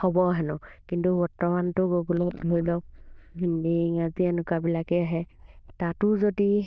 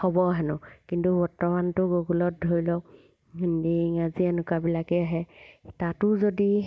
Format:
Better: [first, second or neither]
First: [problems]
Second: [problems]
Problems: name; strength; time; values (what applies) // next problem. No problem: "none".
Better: second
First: noise reduction (neural diffusion model UNIVERSE++)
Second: none